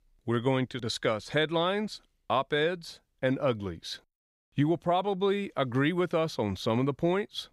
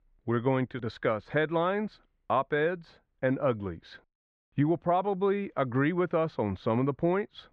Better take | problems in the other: first | muffled; very; fading above 1.5 kHz

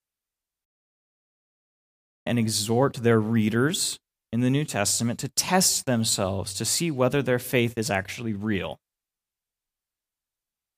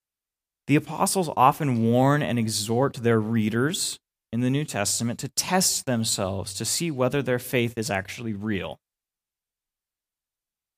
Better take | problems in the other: second | audio cutting out; at 0.5 s for 1.5 s

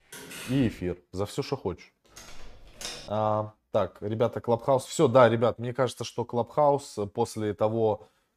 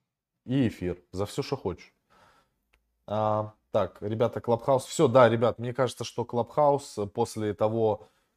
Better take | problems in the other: second | door banging; faint; at the start and at 2 s; peak 10 dB below the speech

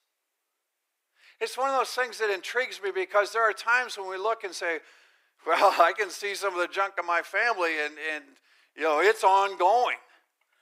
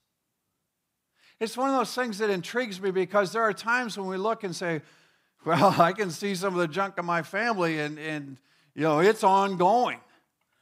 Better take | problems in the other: second | thin; very; fading below 400 Hz

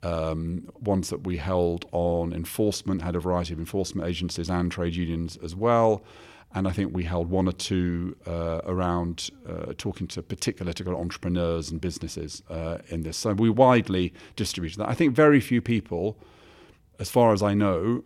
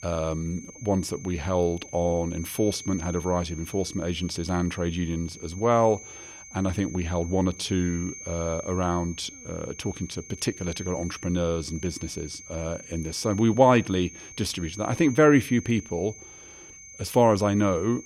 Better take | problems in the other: first | high-pitched whine; noticeable; throughout; 6.5 kHz, 15 dB below the speech

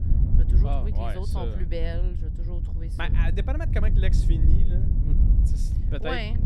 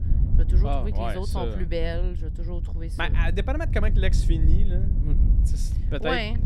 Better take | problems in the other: second | wind noise on the microphone; heavy; 7 dB below the speech; occasional gusts in the second

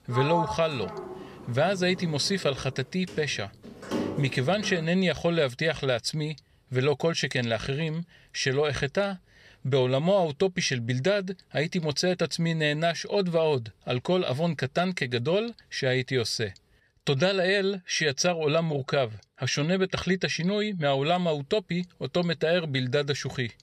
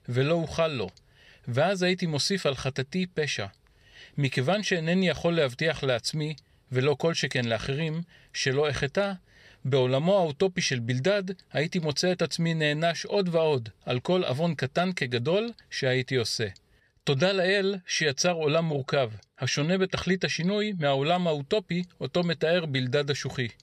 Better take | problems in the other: second | door banging; noticeable; until 5 s; peak 3 dB below the speech

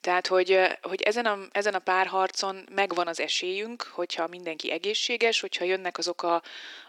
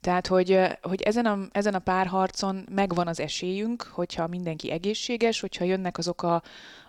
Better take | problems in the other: second | thin; somewhat; fading below 300 Hz

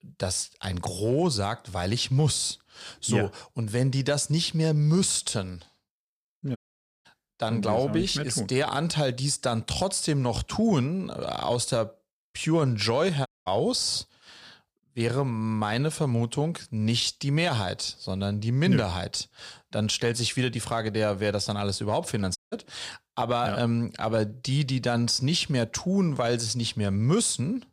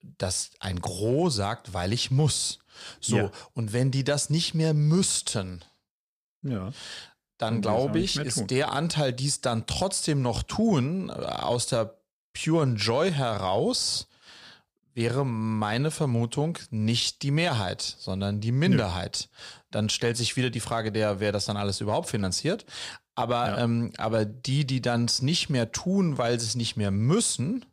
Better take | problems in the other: second | audio cutting out; at 6.5 s, at 13 s and at 22 s

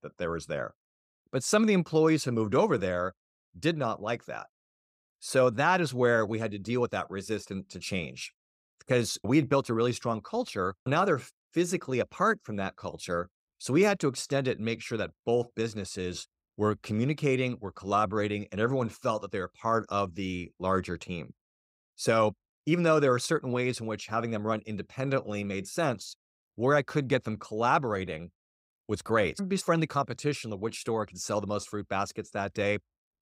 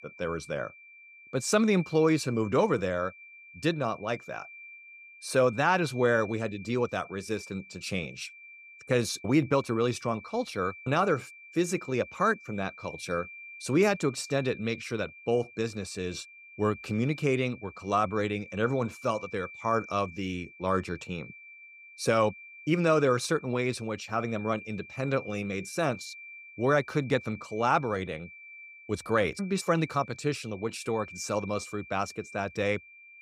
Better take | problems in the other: first | high-pitched whine; noticeable; throughout; 2.5 kHz, 15 dB below the speech

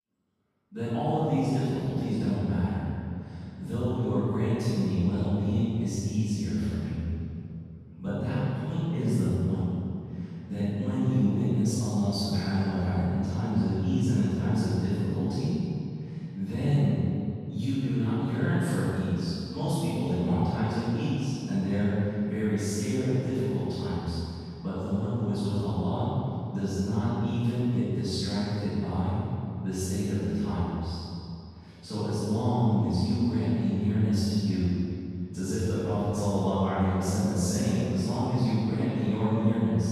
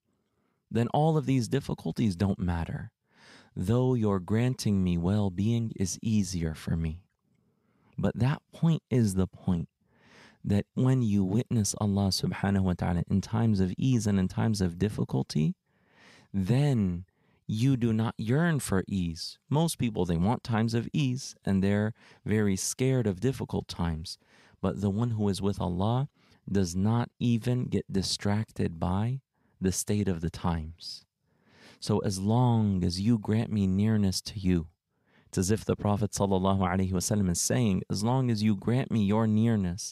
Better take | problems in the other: second | off-mic speech; far // room echo; strong; dies away in 2.4 s

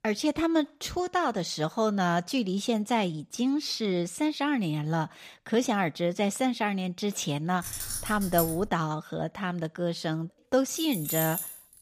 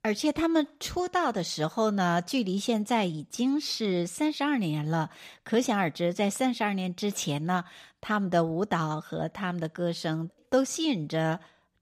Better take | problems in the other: second | jangling keys; noticeable; from 7.5 to 8.5 s and at 11 s; peak 1 dB below the speech

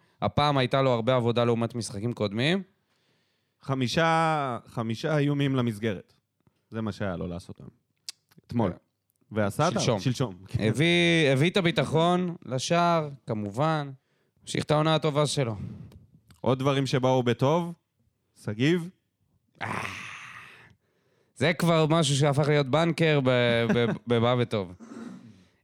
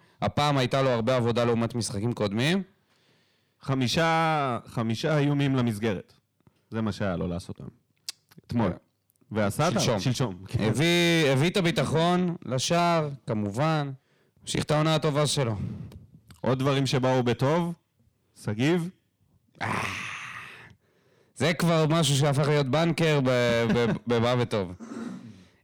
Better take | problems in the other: first | distortion; slight; 10 dB below the speech

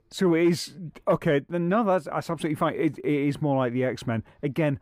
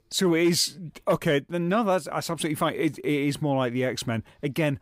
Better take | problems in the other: second | muffled; slightly; fading above 2.5 kHz

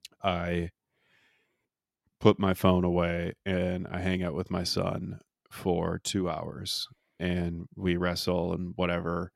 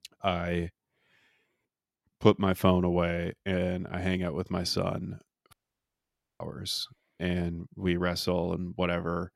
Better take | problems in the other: first | audio cutting out; at 5.5 s for 1 s

